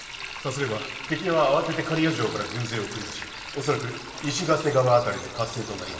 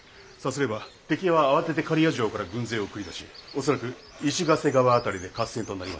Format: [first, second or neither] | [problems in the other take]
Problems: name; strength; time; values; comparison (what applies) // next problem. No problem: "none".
second | background sound (Sink (filling or washing)); 12 dB below the speech // room echo; dies away in 1.7 s